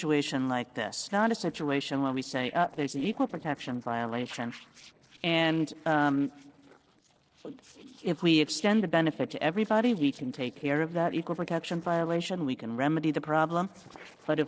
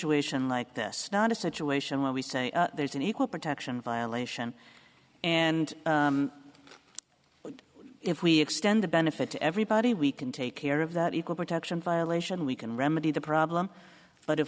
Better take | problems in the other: second | noise reduction (neural separator model SepFormer DNS4)

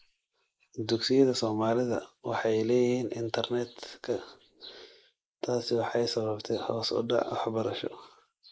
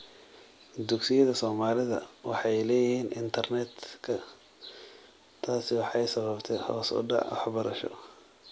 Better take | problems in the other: second | noise reduction (neural mask model Resemble Enhance denoiser)

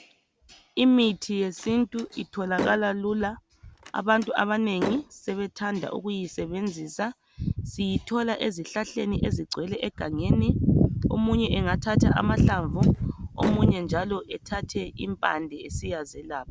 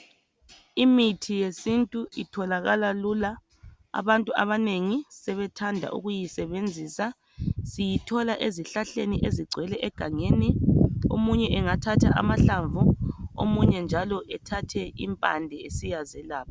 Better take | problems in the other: second | background sound (Slam); 11 dB below the speech

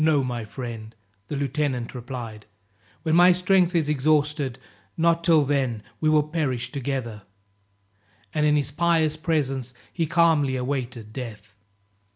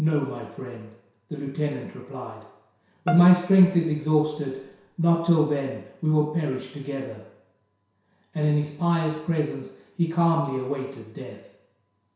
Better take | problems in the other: first | background sound (Bowed string instrument); 12 dB below the speech // room echo; dies away in 0.7 s

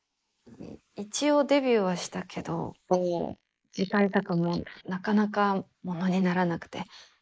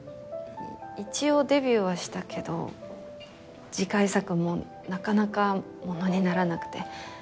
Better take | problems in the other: second | noise reduction (neural mask model Resemble Enhance denoiser)

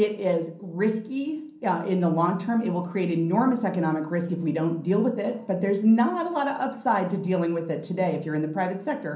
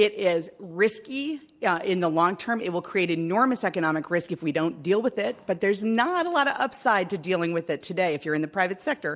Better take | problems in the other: second | room echo; dies away in 0.6 s

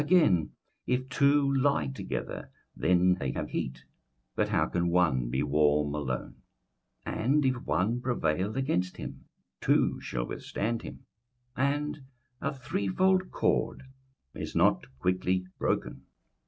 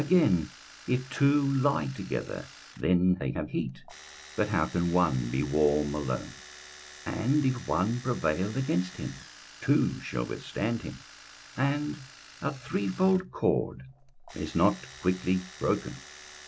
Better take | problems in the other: first | background sound (Domestic sounds, home sounds); 19 dB below the speech

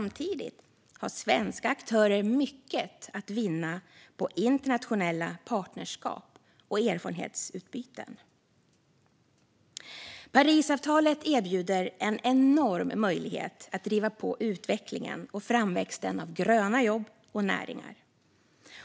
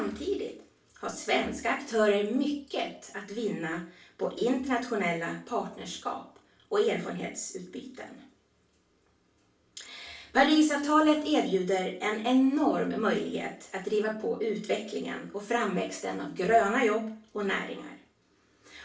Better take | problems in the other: first | room echo; dies away in 0.4 s

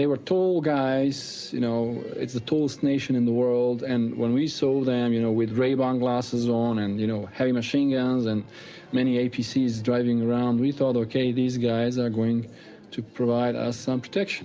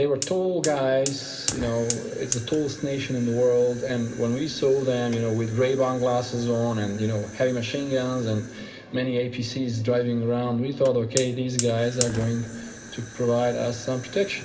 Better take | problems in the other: first | background sound (Fire); 13 dB below the speech // room echo; dies away in 1.8 s

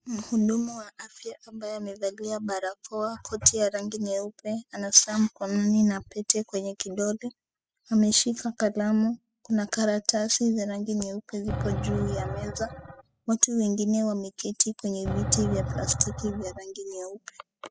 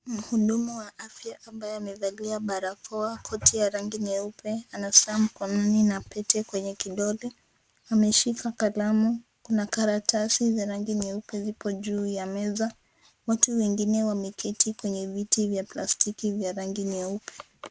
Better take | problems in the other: second | noise reduction (classical method spectral subtraction)

